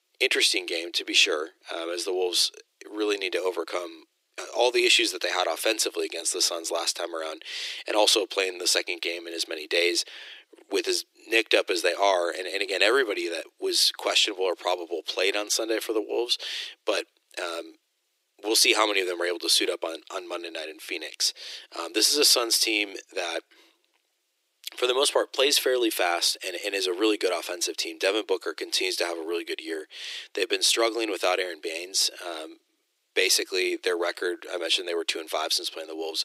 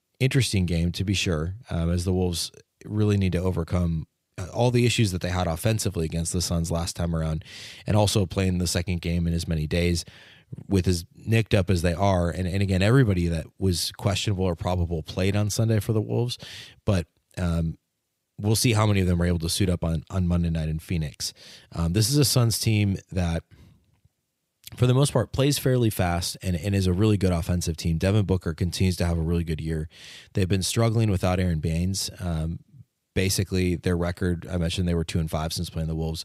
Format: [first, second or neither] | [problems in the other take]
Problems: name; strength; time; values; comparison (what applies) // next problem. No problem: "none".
second | thin; very; fading below 350 Hz